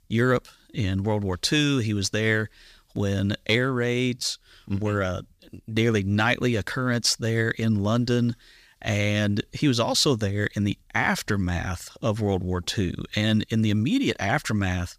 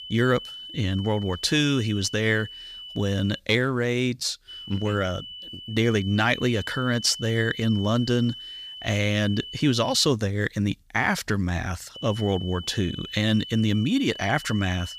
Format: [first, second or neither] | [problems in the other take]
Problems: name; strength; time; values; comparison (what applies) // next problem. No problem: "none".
first | high-pitched whine; noticeable; until 3.5 s, from 4.5 to 10 s and from 12 s on; 3 kHz, 10 dB below the speech